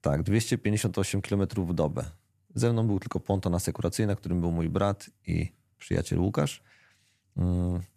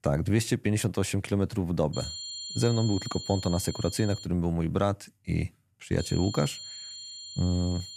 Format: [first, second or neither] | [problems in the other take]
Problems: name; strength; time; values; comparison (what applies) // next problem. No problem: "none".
first | high-pitched whine; loud; from 2 to 4.5 s and from 6 s on; 4.5 kHz, 9 dB below the speech